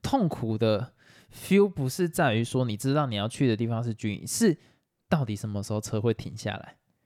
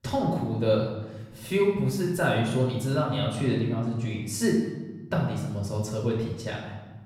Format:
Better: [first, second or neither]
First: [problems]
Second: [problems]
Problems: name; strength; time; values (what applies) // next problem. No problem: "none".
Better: first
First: none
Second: off-mic speech; far // room echo; noticeable; dies away in 1 s